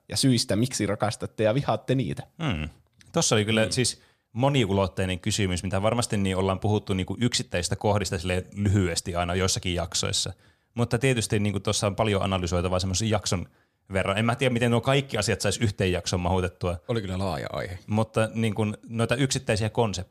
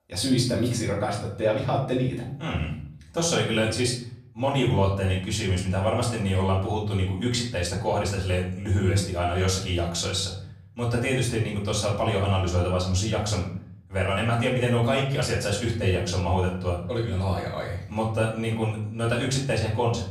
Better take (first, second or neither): first